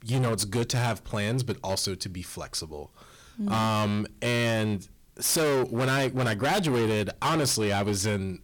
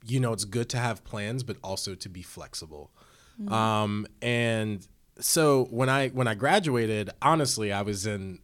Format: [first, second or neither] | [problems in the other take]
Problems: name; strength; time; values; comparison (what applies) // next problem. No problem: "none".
second | distortion; heavy; 20% of the sound clipped